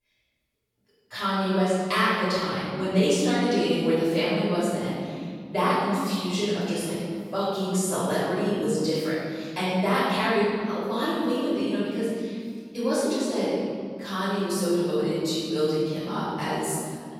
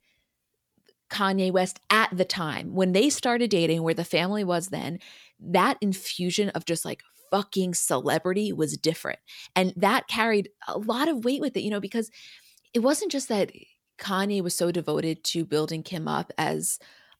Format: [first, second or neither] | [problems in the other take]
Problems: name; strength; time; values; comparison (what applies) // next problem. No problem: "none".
second | off-mic speech; far // room echo; strong; dies away in 2.1 s